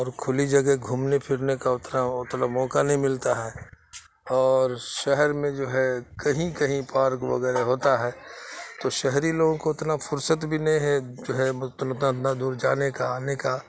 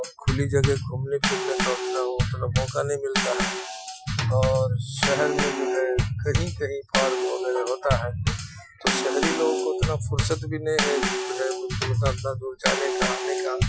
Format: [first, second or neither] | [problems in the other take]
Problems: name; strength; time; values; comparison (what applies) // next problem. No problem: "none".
first | noise reduction (classical method Wiener filter)